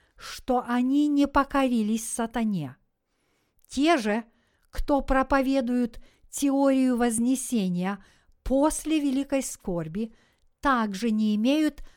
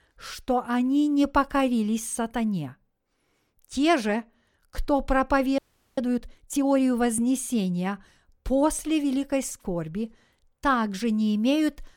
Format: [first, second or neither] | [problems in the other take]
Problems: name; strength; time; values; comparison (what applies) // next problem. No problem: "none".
first | audio freezing; at 5.5 s